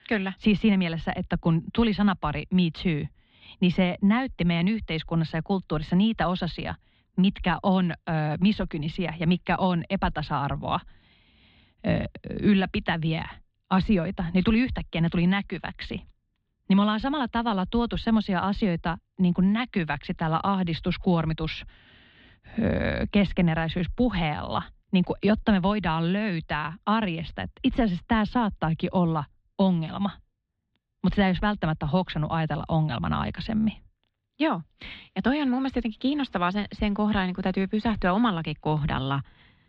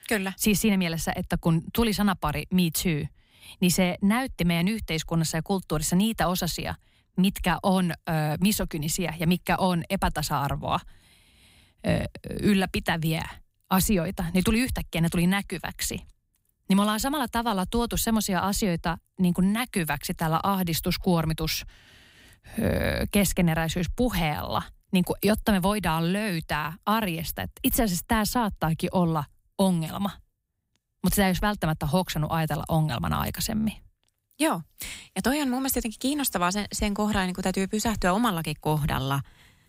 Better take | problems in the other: second | muffled; slightly; fading above 3.5 kHz

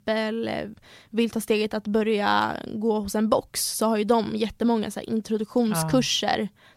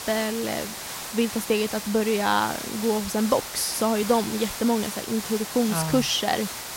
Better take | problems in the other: first | hiss; loud; throughout; 7 dB below the speech

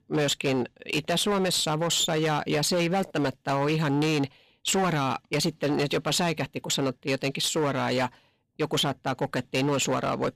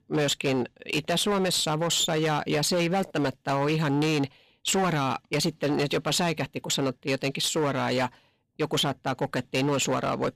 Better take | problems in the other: neither | distortion; slight; 14% of the sound clipped; the same in both

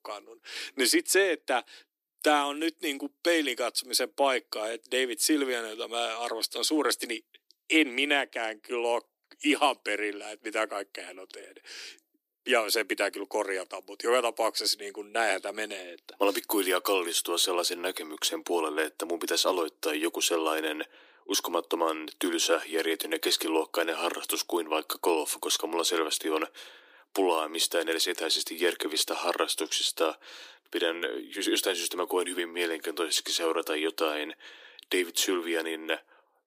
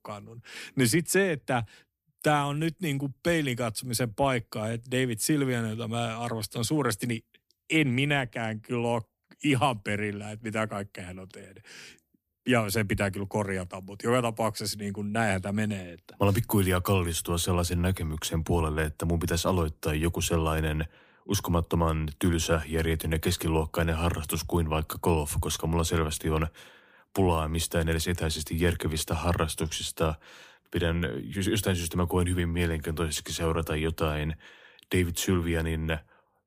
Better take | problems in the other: second | thin; somewhat; fading below 300 Hz

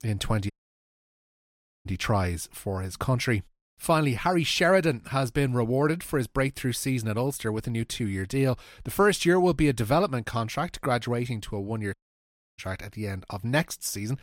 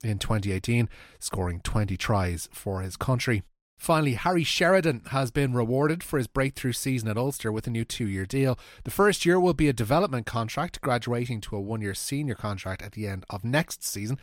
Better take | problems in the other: second | audio cutting out; at 0.5 s for 1.5 s and at 12 s for 0.5 s

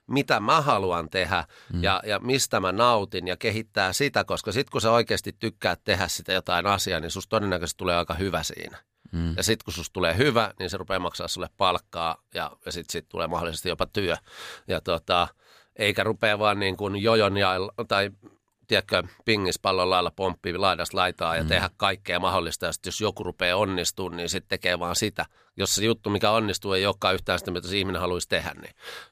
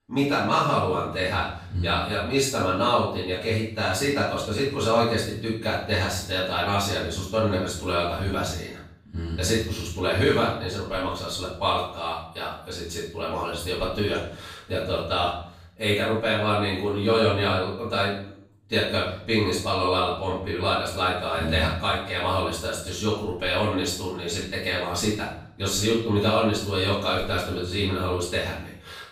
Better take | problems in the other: first | room echo; noticeable; dies away in 0.6 s // off-mic speech; far

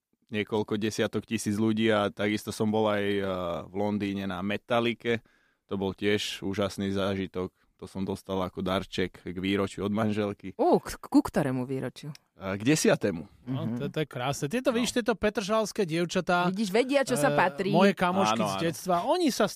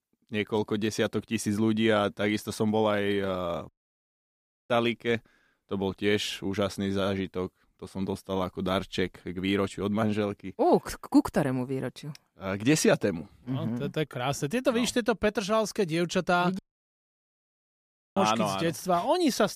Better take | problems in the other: first | audio cutting out; at 3.5 s for 1 s and at 17 s for 1.5 s

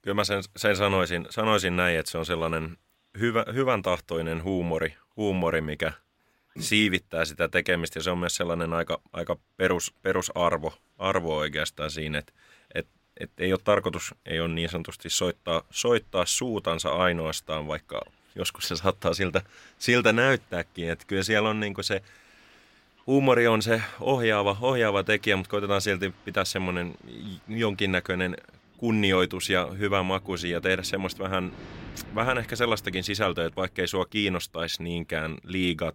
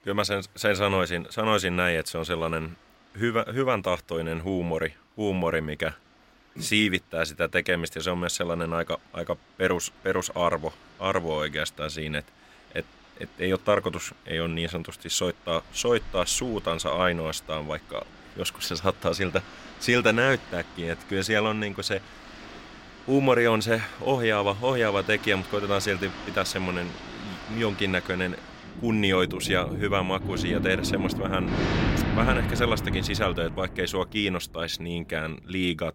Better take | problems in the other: first | rain or running water; loud; throughout; 8 dB below the speech; faint in the first

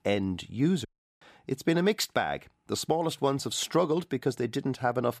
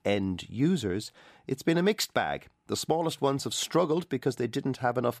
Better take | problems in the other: second | audio cutting out; at 1 s

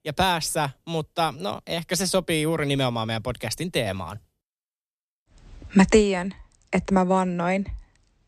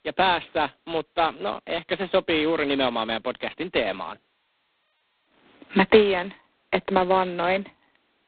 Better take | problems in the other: first | phone-call audio; poor line; nothing above 4 kHz

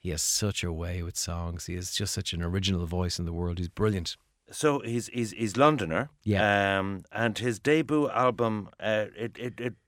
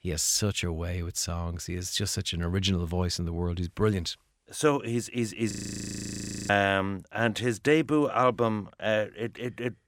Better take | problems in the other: first | audio freezing; at 5.5 s for 1 s

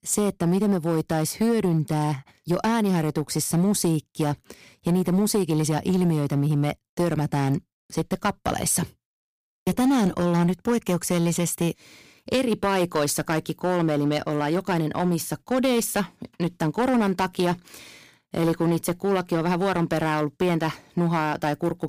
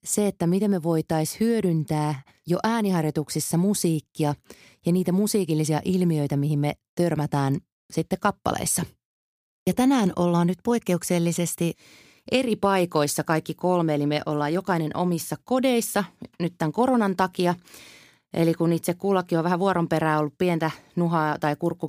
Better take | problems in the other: second | distortion; slight; 7% of the sound clipped

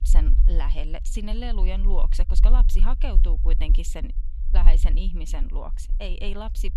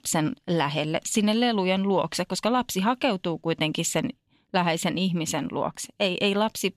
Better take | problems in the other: second | low rumble; noticeable; throughout; 10 dB below the speech

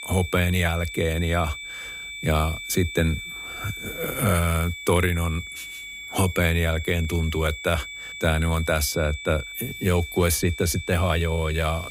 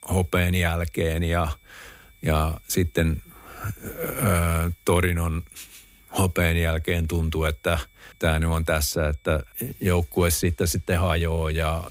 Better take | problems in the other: second | high-pitched whine; loud; throughout; 2.5 kHz, 10 dB below the speech; faint in the second

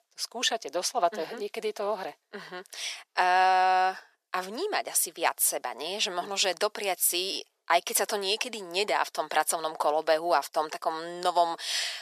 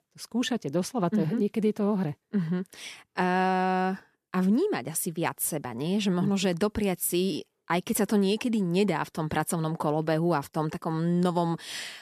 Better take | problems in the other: second | thin; very; fading below 550 Hz

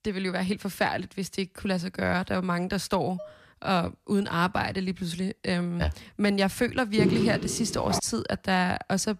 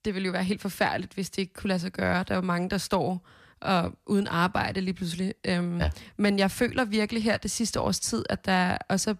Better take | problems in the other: second | clattering dishes; faint; at 3 s; peak 20 dB below the speech // footsteps; loud; from 7 to 8 s; peak 3 dB above the speech

